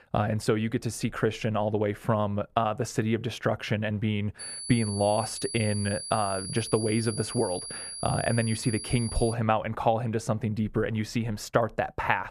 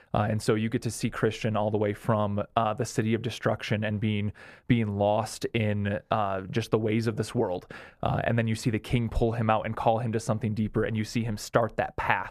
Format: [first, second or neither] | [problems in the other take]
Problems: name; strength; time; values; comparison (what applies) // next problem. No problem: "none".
second | high-pitched whine; loud; from 4.5 to 9.5 s; 10.5 kHz, 7 dB below the speech